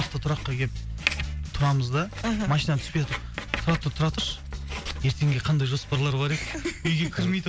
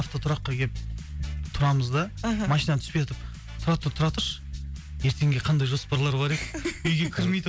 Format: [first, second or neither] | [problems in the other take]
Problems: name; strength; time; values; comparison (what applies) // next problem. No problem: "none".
second | background sound (Writing); 12 dB below the speech